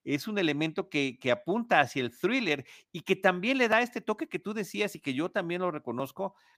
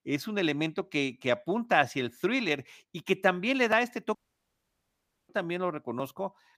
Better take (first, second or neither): first